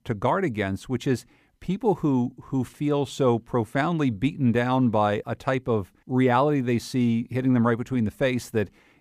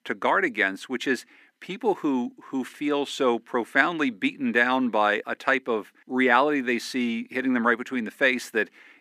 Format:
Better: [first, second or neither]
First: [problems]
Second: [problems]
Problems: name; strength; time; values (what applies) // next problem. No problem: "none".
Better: first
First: none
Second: thin; very slightly; fading below 250 Hz